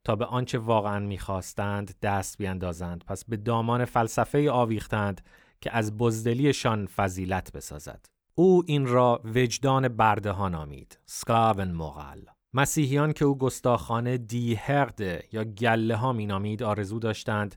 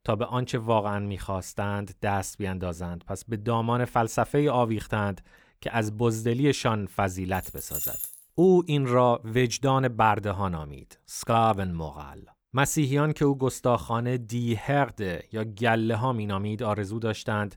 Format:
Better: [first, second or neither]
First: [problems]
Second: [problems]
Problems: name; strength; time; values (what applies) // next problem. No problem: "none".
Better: first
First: none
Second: jangling keys; noticeable; at 7.5 s; peak 2 dB below the speech